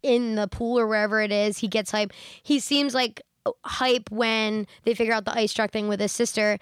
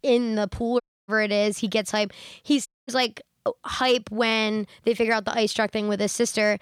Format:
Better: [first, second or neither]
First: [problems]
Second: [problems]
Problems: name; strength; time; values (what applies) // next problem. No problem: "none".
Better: first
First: none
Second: audio cutting out; at 1 s and at 2.5 s